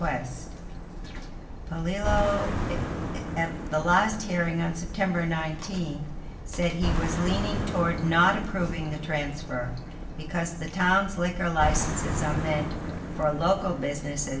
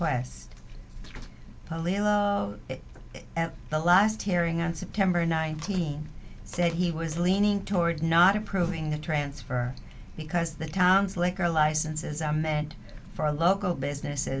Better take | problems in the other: second | background sound (Car passing by); 5 dB below the speech // room echo; dies away in 0.7 s

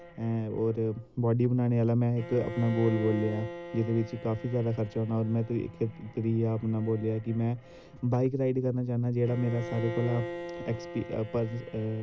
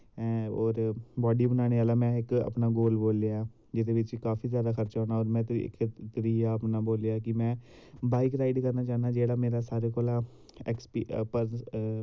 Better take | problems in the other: second | background sound (Bowed string instrument); 13 dB below the speech

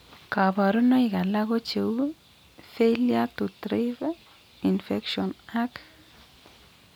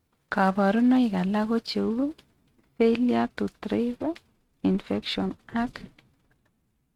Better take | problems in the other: first | noise reduction (neural mask model RNNoise)

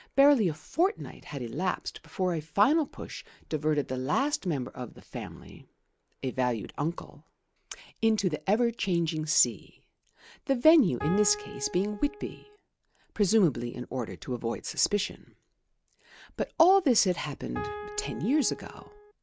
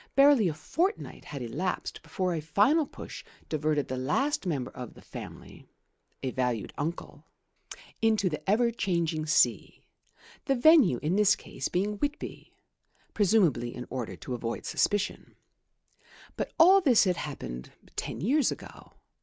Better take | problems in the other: second | background sound (Piano); 11 dB below the speech

